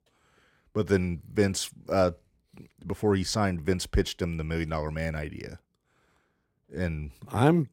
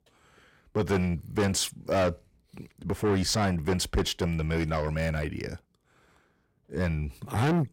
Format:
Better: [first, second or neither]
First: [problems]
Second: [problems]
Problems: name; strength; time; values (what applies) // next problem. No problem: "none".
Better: first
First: none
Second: distortion; heavy; 6 dB below the speech